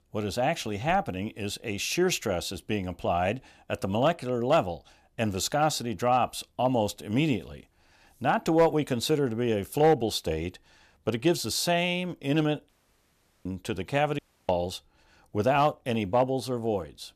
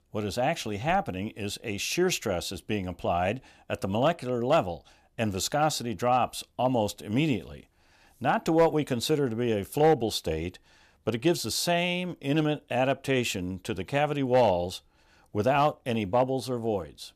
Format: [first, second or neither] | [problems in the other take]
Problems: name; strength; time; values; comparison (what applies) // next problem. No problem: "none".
second | audio cutting out; at 13 s for 1 s and at 14 s